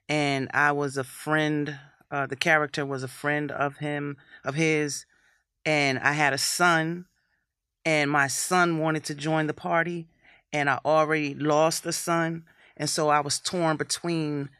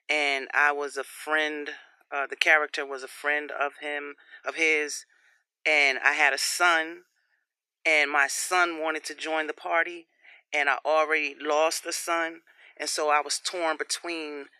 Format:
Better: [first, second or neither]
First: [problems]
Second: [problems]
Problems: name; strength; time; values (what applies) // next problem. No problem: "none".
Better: first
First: none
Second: thin; very; fading below 350 Hz